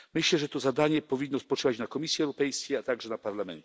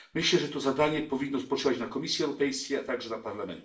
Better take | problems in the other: first | room echo; dies away in 0.4 s

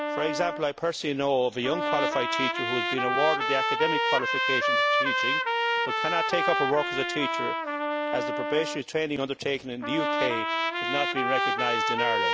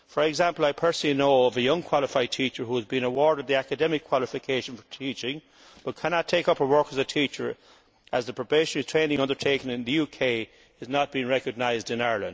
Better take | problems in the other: second | background sound (Trumpet); 2 dB above the speech

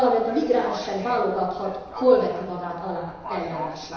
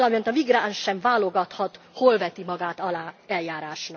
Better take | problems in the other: second | background sound (Livestock, farm animals, working animals); 13 dB below the speech // room echo; dies away in 1 s

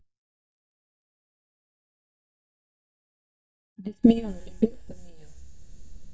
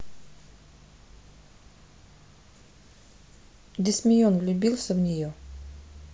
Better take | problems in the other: second | noise reduction (neural mask model DeepFilterNet 3)

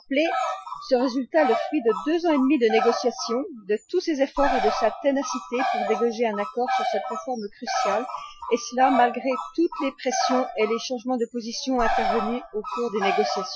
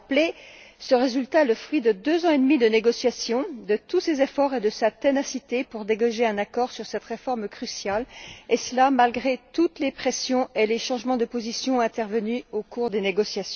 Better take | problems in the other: second | noise reduction (classical method Wiener filter)

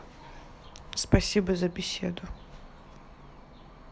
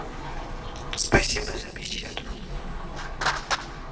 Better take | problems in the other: first | noise reduction (neural separator model SepFormer DNS4)

